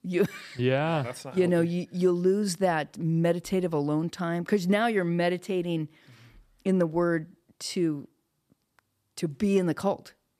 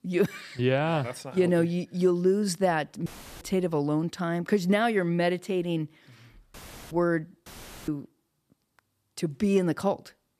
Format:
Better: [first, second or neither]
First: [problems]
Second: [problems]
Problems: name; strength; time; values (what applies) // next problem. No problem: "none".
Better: first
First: none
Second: audio cutting out; filled with static; at 3 s, at 6.5 s and at 7.5 s